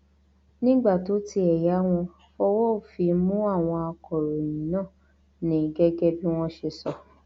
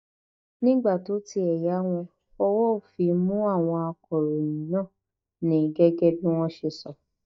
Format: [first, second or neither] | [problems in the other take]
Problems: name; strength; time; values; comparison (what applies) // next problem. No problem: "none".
first | noise reduction (neural mask model DeepFilterNet 3)